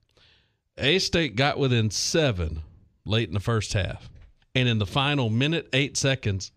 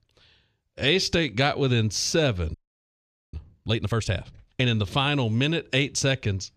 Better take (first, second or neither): first